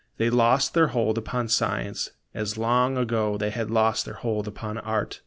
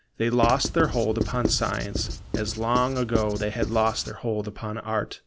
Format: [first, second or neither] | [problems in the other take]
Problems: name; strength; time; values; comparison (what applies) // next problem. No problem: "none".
first | background sound (Writing); 5 dB below the speech